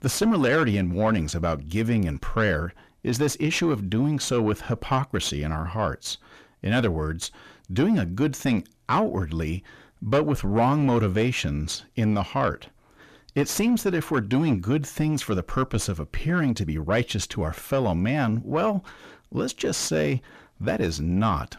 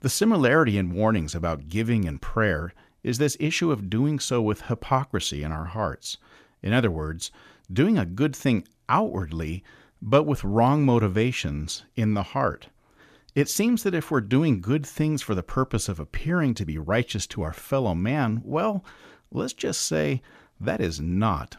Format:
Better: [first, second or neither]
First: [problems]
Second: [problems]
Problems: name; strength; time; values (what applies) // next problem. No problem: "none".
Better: second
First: distortion; slight; 9 dB below the speech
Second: none